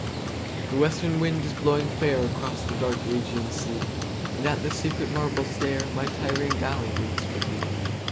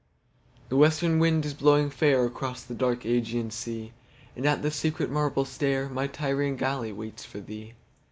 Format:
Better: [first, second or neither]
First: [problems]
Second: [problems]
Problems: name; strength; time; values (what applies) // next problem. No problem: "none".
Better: second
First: background sound (Livestock, farm animals, working animals); 1 dB below the speech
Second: none